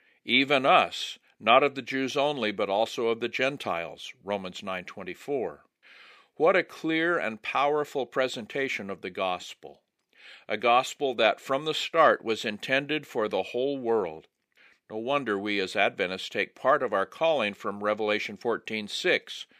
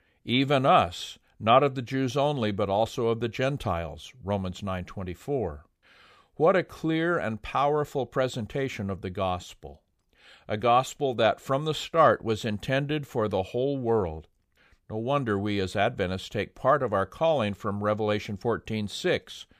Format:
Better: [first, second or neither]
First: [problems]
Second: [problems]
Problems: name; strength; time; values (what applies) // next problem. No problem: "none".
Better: second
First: thin; very slightly; fading below 300 Hz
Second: none